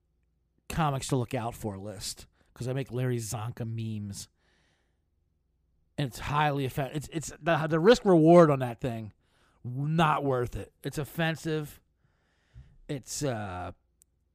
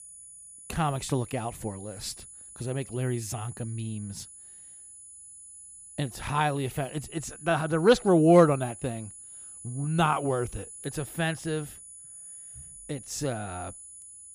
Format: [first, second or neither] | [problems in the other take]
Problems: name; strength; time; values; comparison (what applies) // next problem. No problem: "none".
first | high-pitched whine; noticeable; throughout; 10 kHz, 15 dB below the speech